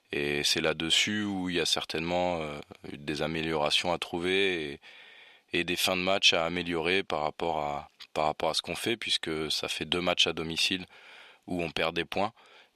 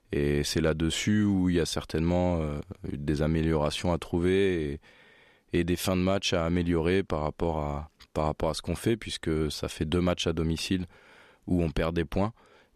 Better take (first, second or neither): second